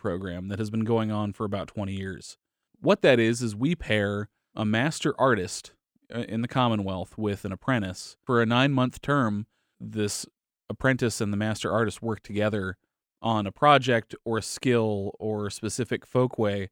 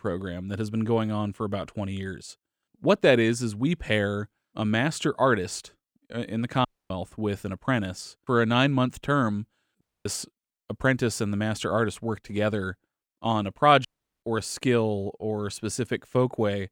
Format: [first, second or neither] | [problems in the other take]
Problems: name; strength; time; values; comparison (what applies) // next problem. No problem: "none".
first | audio cutting out; at 6.5 s, at 10 s and at 14 s